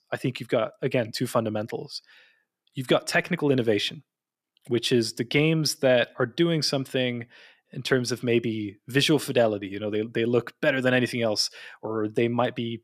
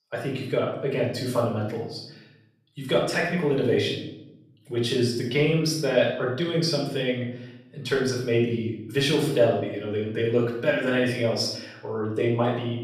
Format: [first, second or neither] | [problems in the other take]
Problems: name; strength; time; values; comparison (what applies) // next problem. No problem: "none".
first | off-mic speech; far // room echo; noticeable; dies away in 0.7 s